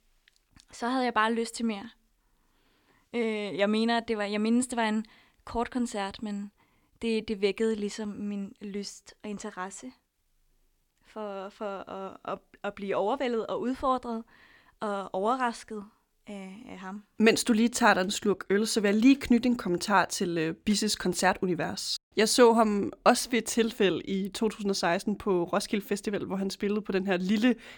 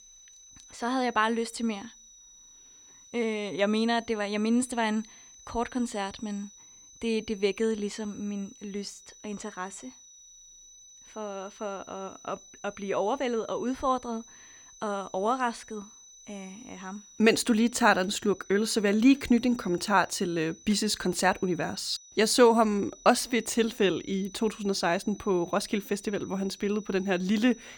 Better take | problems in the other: first | high-pitched whine; faint; throughout; 6 kHz, 20 dB below the speech

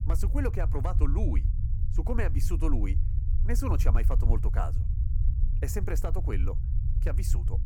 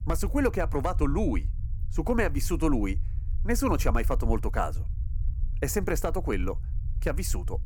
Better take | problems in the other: second | low rumble; loud; throughout; 9 dB below the speech; faint in the second

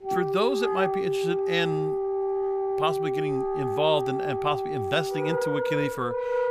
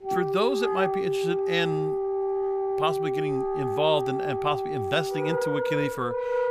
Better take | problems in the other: neither | background music; very loud; throughout; 1 dB above the speech; the same in both

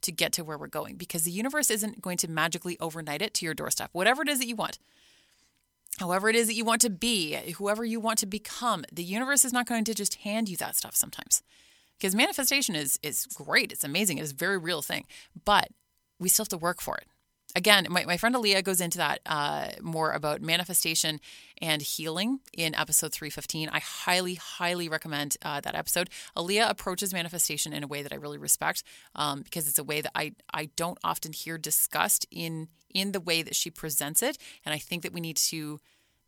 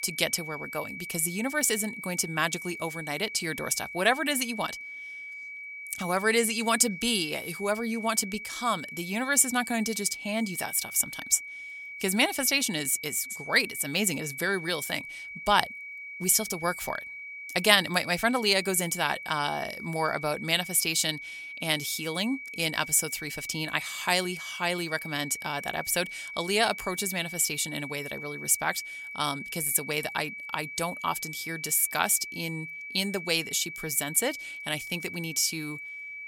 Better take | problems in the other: first | high-pitched whine; noticeable; throughout; 2.5 kHz, 10 dB below the speech

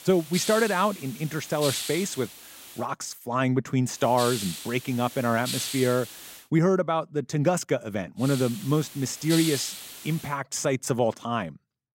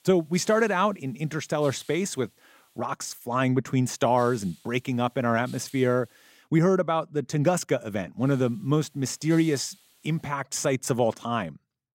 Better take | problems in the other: second | hiss; loud; until 3 s, from 4 to 6.5 s and from 8.5 to 10 s; 8 dB below the speech; faint in the second

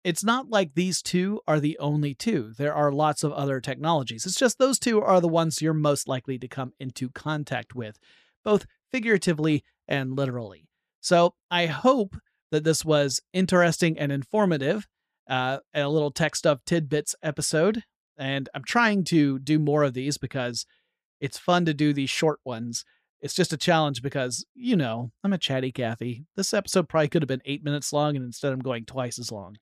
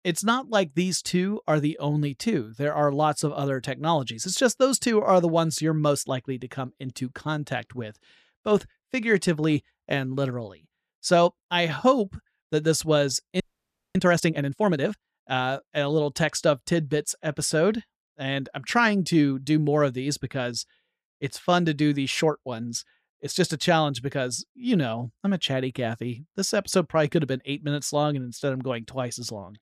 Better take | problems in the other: first | audio freezing; at 13 s for 0.5 s

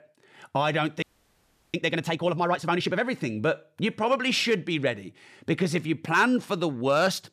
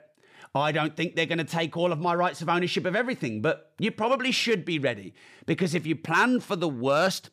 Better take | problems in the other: second | audio freezing; at 1 s for 0.5 s

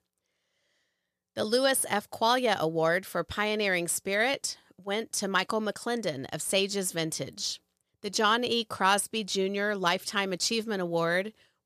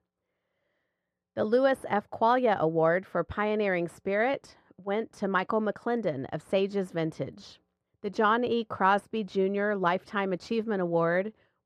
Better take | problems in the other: first | muffled; very; fading above 3.5 kHz

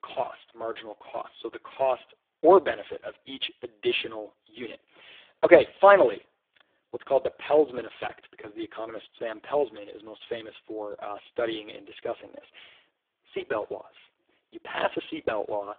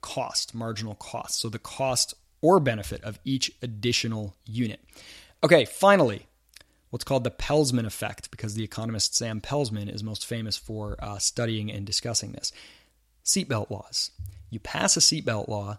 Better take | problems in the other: second | phone-call audio; poor line; nothing above 3.5 kHz

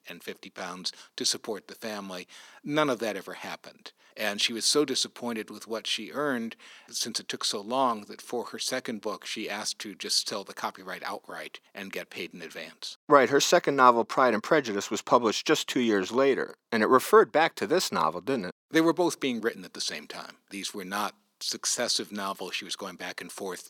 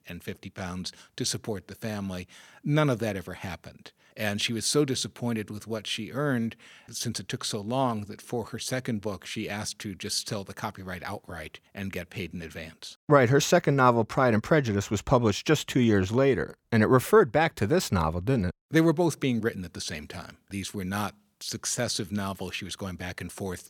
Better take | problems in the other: second | thin; somewhat; fading below 250 Hz

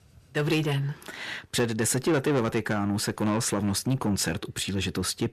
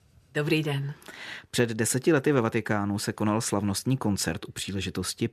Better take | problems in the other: second | distortion; slight; 10 dB below the speech

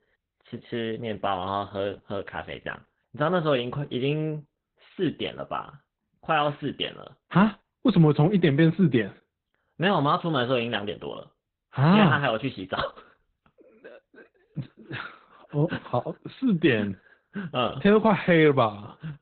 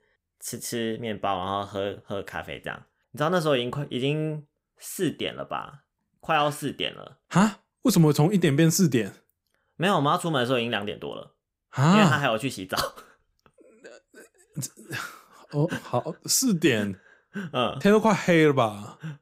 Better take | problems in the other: second | garbled, watery; badly; nothing above 4 kHz

